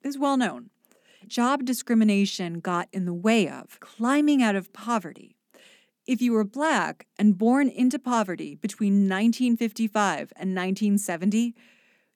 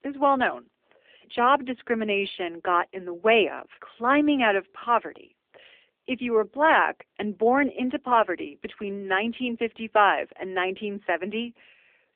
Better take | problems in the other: first | phone-call audio; nothing above 3 kHz

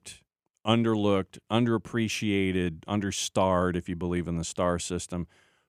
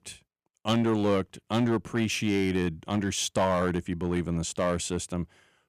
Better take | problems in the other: first | distortion; slight; 4% of the sound clipped

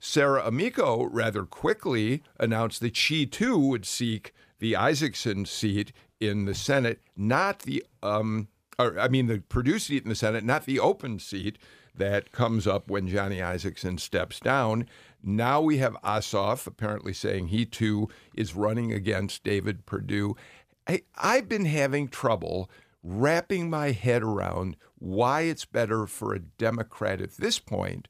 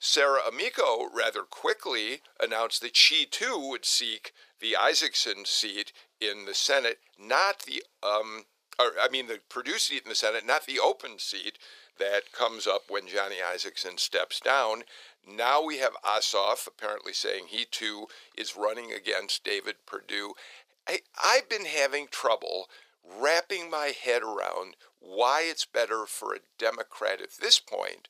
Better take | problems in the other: first | thin; very; fading below 450 Hz

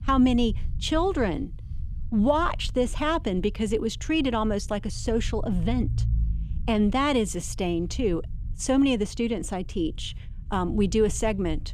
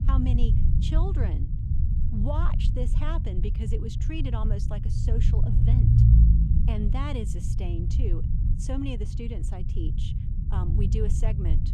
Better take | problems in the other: first | low rumble; loud; throughout; 1 dB below the speech; faint in the first

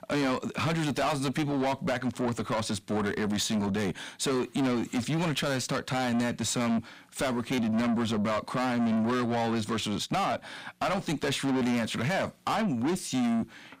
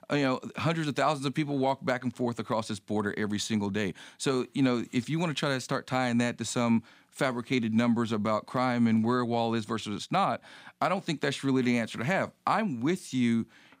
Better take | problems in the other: second | distortion; heavy; 6 dB below the speech

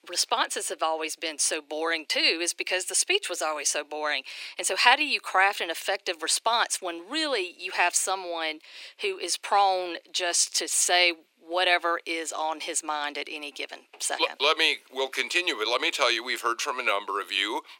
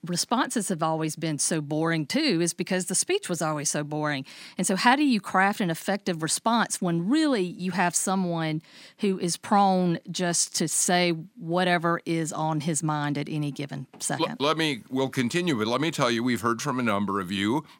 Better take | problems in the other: second | thin; very; fading below 400 Hz

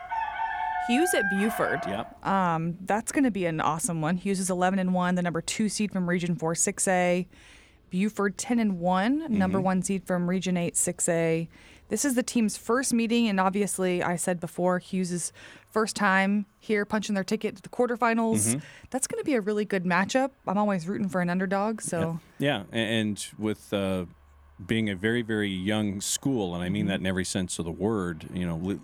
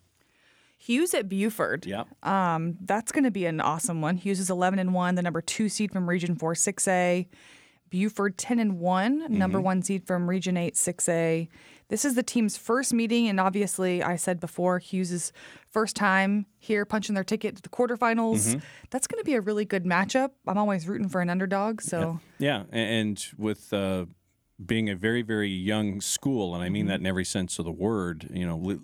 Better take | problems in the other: second | animal sounds; loud; throughout; 4 dB below the speech

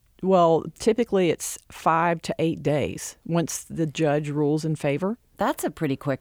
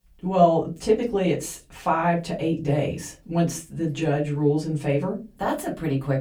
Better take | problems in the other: first | off-mic speech; far // room echo; very slight; dies away in 0.2 s

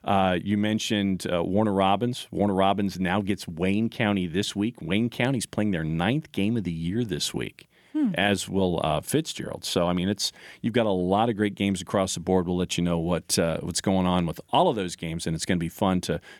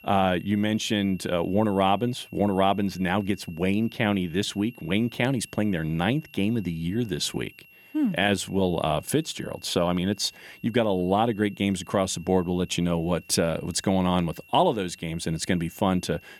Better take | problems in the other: first | high-pitched whine; faint; throughout; 2.5 kHz, 25 dB below the speech

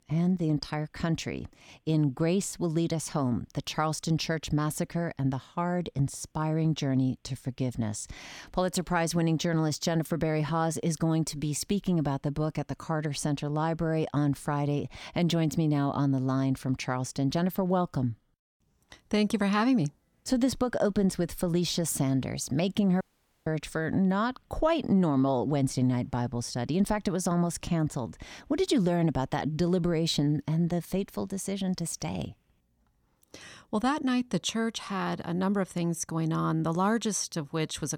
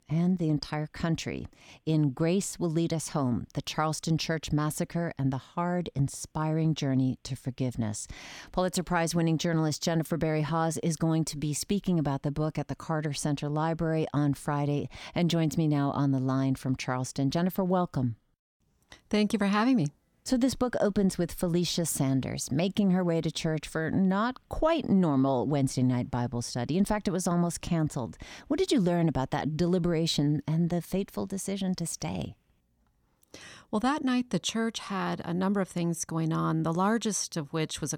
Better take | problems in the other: second | audio cutting out; at 23 s

